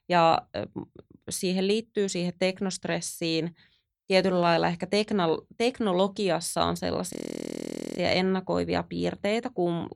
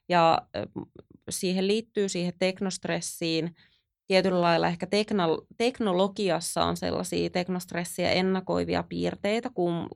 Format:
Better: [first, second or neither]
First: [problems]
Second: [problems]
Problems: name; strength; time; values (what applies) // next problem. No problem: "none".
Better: second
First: audio freezing; at 7 s for 1 s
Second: none